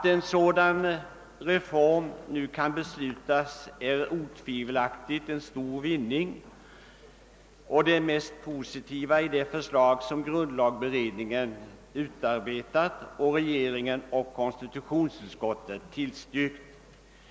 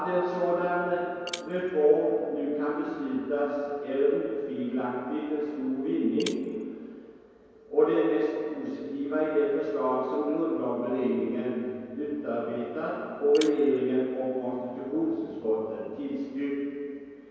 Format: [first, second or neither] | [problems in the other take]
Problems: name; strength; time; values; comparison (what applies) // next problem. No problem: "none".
first | background sound (Shatter); 19 dB below the speech // room echo; dies away in 2.2 s